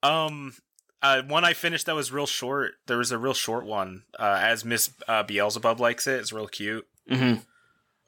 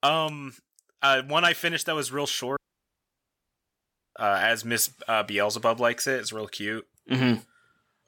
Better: first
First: none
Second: audio cutting out; at 2.5 s for 1.5 s

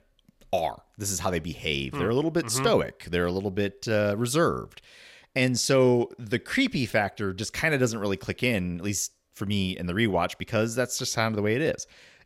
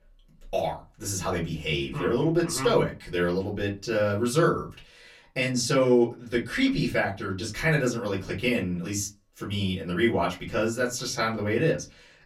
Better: first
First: none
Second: off-mic speech; far // room echo; very slight; dies away in 0.2 s

